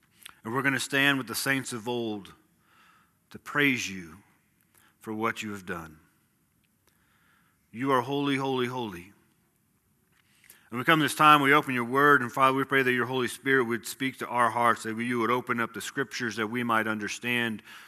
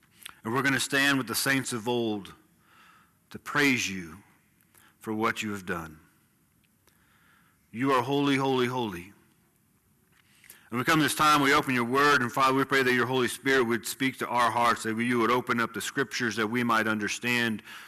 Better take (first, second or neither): first